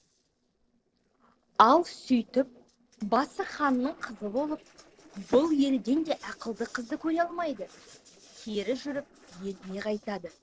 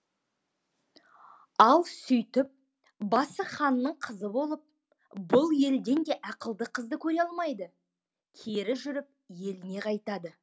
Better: second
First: noise reduction (neural separator model SepFormer DNS4)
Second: none

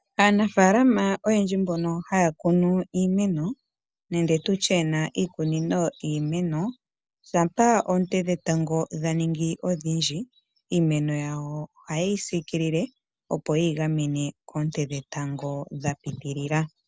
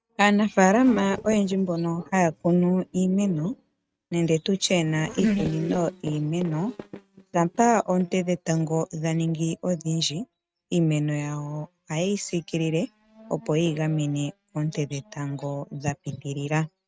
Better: first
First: none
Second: noise reduction (neural mask model RNNoise)

